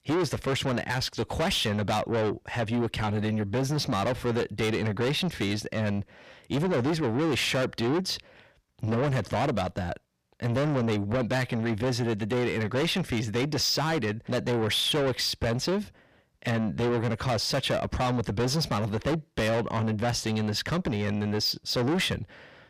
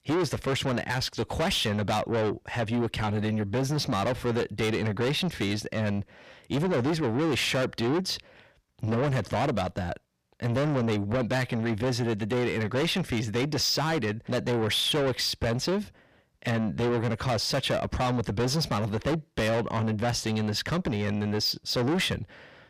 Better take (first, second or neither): neither